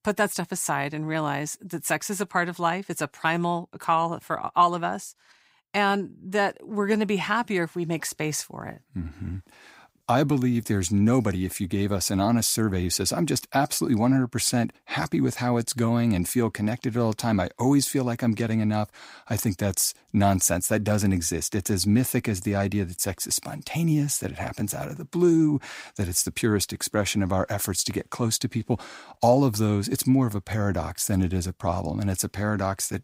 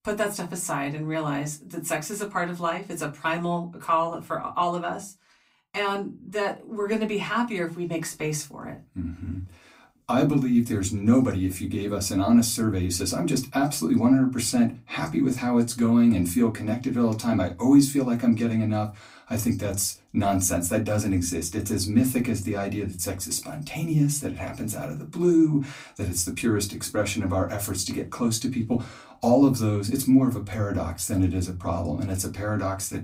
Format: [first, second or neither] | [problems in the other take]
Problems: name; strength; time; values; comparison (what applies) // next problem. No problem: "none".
first | off-mic speech; far // room echo; very slight; dies away in 0.2 s